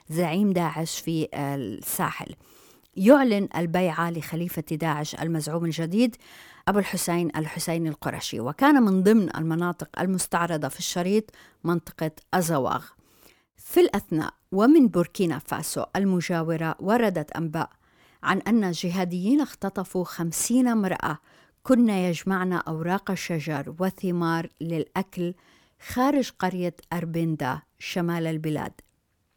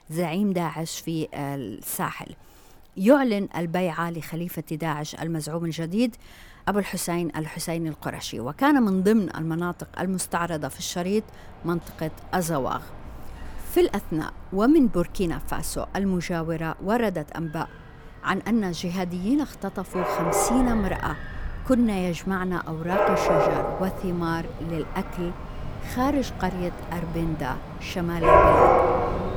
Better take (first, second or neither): first